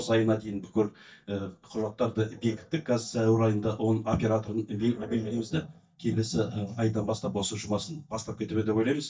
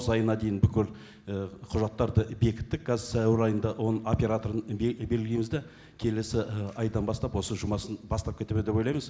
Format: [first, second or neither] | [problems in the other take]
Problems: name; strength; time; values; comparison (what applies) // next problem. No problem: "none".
second | noise reduction (neural mask model DeepFilterNet 3)